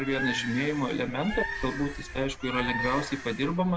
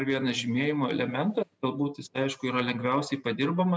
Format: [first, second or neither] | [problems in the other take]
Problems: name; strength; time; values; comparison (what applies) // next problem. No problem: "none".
second | background sound (Bird); 6 dB below the speech